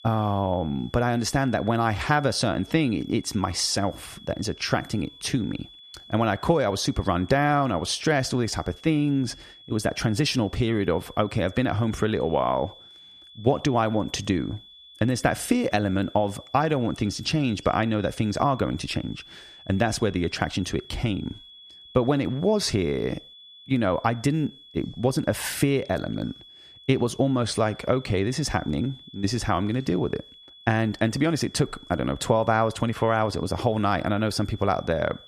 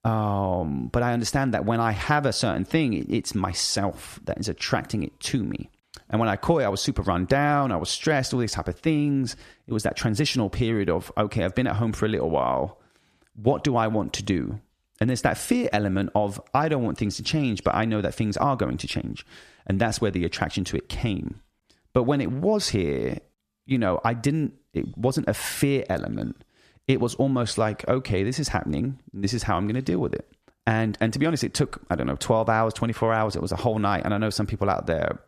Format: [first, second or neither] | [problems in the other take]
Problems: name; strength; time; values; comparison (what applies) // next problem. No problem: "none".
second | high-pitched whine; faint; throughout; 3.5 kHz, 20 dB below the speech